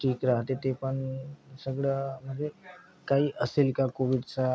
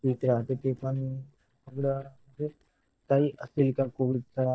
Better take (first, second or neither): first